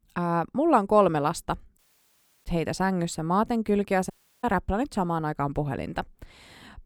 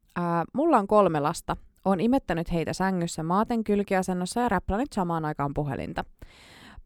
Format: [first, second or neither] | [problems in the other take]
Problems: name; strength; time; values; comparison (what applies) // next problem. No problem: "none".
second | audio cutting out; at 2 s for 0.5 s and at 4 s